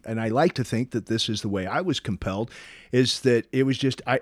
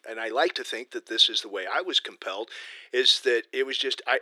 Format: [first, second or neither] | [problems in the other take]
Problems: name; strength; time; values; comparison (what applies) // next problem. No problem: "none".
first | thin; very; fading below 350 Hz